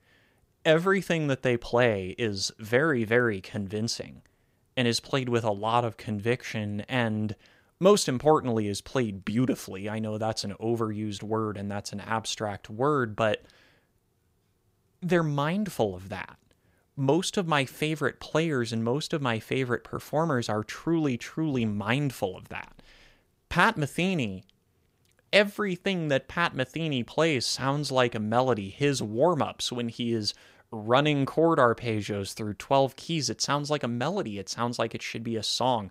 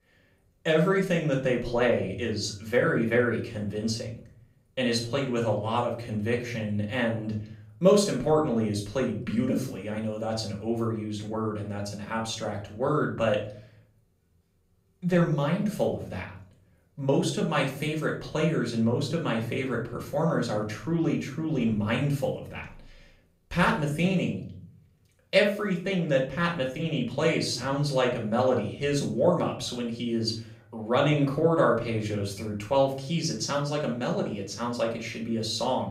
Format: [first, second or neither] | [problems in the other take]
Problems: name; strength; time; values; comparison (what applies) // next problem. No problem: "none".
first | room echo; slight; dies away in 0.5 s // off-mic speech; far